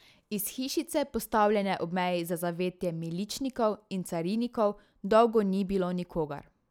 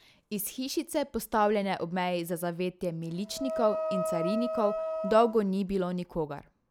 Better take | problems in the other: first | background sound (Wind instrument, woodwind instrument); 4 dB below the speech

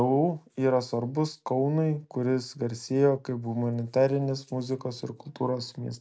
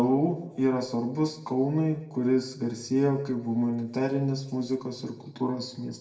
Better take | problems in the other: first | room echo; dies away in 0.7 s

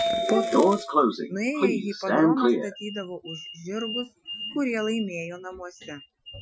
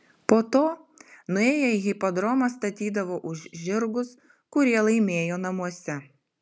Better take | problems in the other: second | noise reduction (classical method Wiener filter)

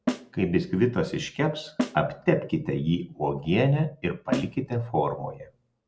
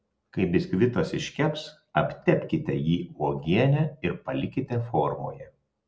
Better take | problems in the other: second | background sound (Snare drum); 9 dB below the speech

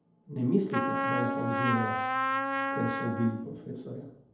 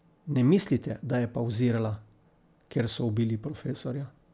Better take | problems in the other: second | background sound (Trumpet); 1 dB above the speech // room echo; dies away in 2.1 s

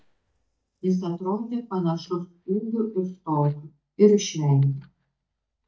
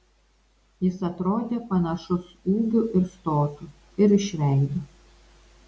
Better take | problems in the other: second | noise reduction (neural mask model DeepFilterNet 3)

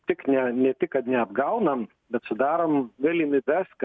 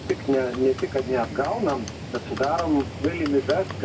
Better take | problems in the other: first | background sound (Livestock, farm animals, working animals); 9 dB below the speech // room echo; dies away in 0.2 s

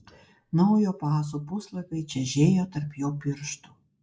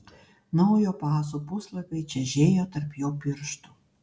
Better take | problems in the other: second | noise reduction (neural mask model Resemble Enhance denoiser)

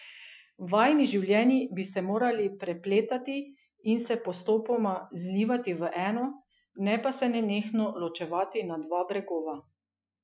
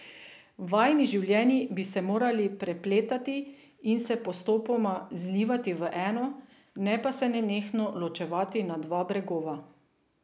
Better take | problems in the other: second | noise reduction (classical method Wiener filter)

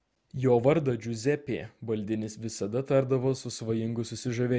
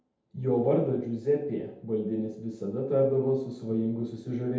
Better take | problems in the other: first | room echo; dies away in 0.8 s

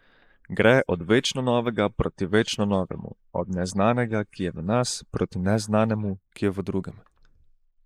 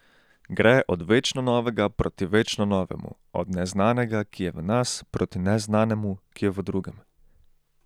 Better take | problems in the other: second | noise reduction (neural mask model Resemble Enhance denoiser)

